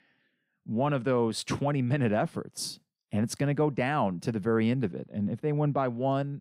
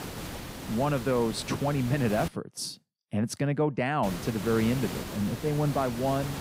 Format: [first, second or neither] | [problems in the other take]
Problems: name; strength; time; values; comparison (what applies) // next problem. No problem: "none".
first | hiss; loud; until 2.5 s and from 4 s on; 9 dB below the speech